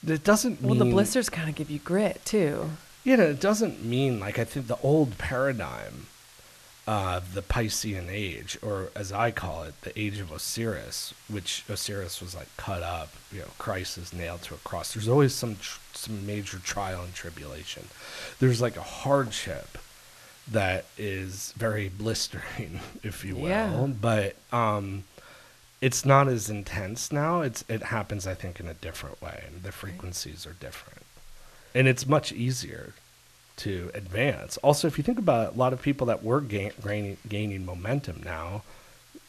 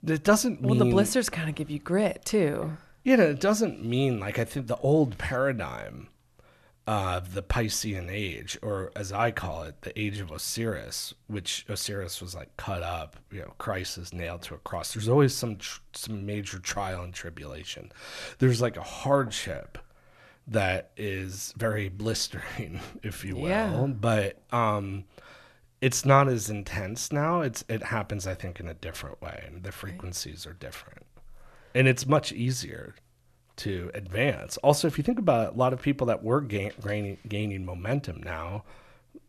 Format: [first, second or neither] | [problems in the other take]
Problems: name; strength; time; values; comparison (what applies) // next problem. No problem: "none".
second | hiss; faint; throughout; 25 dB below the speech